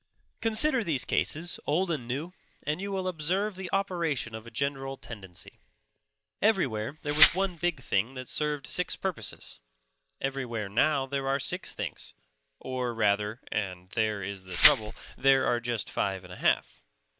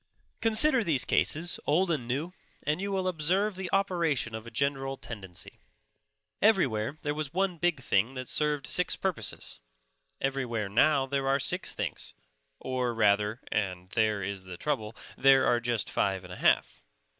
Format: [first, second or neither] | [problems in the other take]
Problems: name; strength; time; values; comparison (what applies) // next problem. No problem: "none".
second | background sound (Glass); 1 dB above the speech